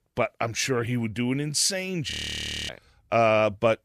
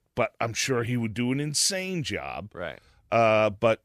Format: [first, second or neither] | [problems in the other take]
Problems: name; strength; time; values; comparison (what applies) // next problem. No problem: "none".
second | audio freezing; at 2 s for 0.5 s